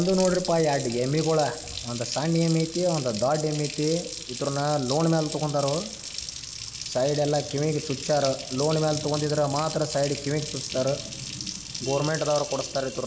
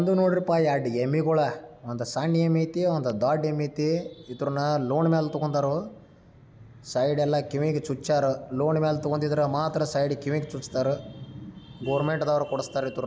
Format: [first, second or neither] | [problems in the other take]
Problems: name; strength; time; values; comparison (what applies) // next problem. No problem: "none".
second | background sound (Water tap, faucet); 10 dB below the speech